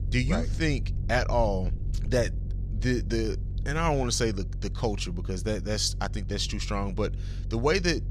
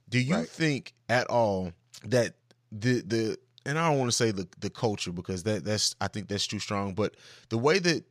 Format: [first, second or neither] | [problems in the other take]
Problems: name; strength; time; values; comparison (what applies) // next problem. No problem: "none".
second | low rumble; noticeable; throughout; 20 dB below the speech